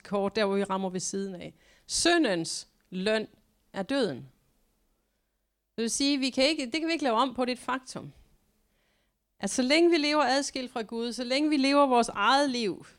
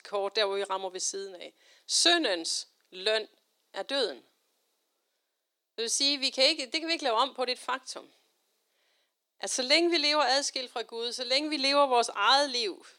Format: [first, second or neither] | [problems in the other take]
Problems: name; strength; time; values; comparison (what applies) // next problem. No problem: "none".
first | thin; somewhat; fading below 350 Hz